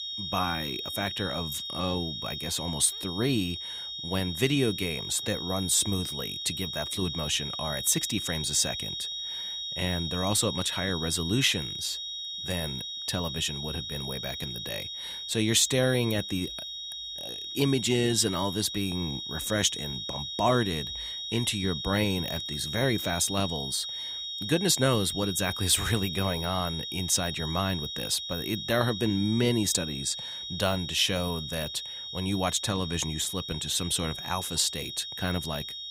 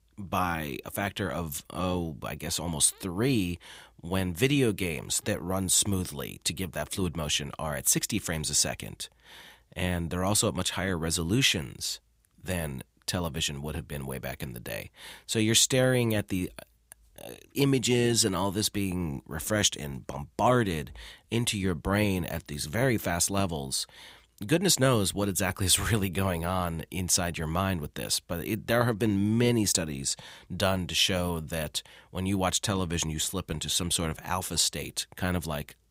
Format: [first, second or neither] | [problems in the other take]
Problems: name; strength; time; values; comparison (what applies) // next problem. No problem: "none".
second | high-pitched whine; loud; throughout; 4 kHz, 5 dB below the speech